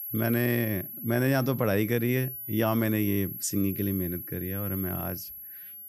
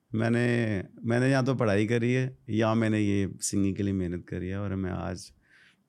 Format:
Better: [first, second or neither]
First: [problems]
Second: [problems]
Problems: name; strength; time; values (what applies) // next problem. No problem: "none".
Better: second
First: high-pitched whine; loud; throughout; 11.5 kHz, 8 dB below the speech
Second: none